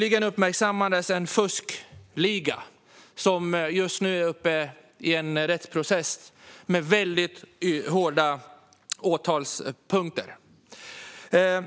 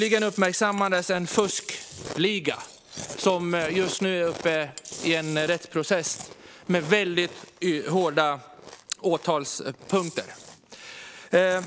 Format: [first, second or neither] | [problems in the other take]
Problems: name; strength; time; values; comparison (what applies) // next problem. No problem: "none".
first | background sound (Chewing, mastication); 16 dB below the speech